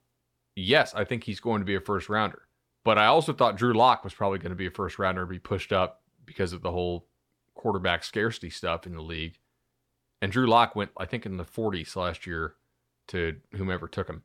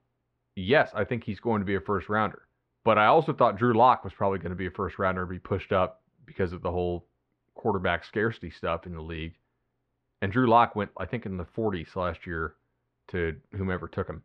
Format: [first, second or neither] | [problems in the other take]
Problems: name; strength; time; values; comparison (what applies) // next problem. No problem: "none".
first | muffled; slightly; fading above 2 kHz